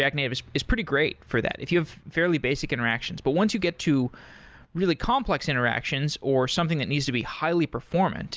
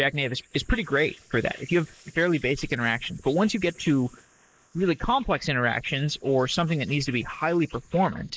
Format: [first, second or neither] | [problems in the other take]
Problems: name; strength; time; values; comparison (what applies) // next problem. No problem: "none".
first | noise reduction (neural mask model Resemble Enhance denoiser)